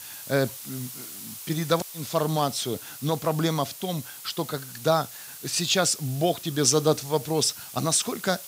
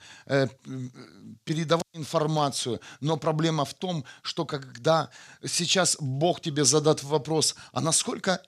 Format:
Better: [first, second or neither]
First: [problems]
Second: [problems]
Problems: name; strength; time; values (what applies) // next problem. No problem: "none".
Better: second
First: hiss; noticeable; throughout; 10 dB below the speech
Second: none